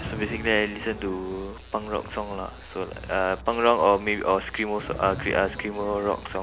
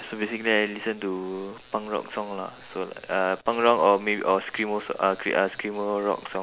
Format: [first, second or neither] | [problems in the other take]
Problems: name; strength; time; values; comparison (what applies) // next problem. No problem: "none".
second | background sound (Drum); 13 dB below the speech